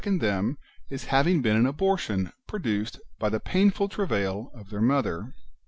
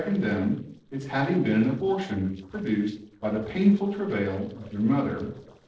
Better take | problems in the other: first | noise reduction (neural separator model SepFormer DNS4)

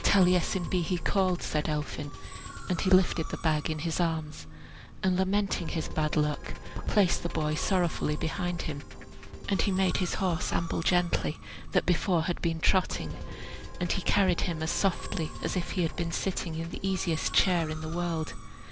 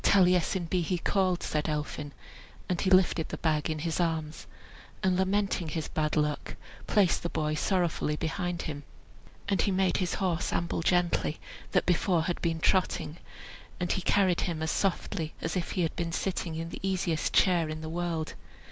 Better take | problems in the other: second | background sound (Musical instrument); 12 dB below the speech

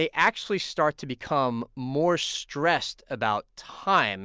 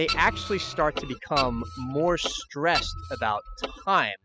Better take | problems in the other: first | noise reduction (classical method spectral subtraction)

